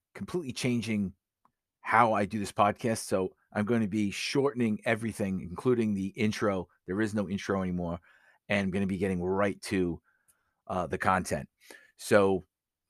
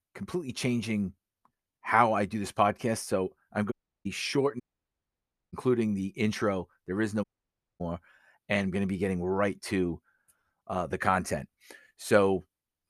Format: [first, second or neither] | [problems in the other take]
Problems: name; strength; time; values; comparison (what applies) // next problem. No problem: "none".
first | audio cutting out; at 3.5 s, at 4.5 s for 1 s and at 7 s for 0.5 s